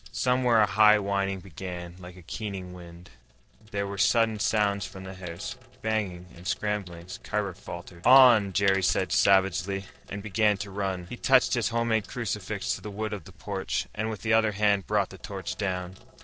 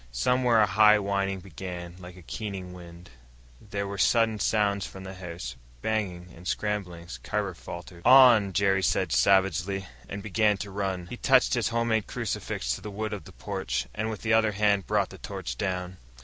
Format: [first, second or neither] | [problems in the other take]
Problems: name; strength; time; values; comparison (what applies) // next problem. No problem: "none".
second | noise reduction (neural separator model SepFormer DNS4)